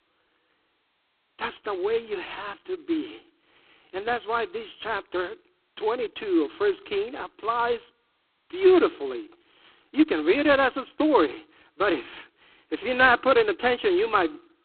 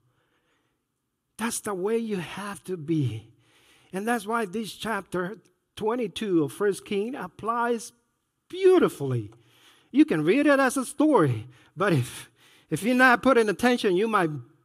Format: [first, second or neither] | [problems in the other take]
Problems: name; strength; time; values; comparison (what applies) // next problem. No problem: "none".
second | phone-call audio; poor line; nothing above 4 kHz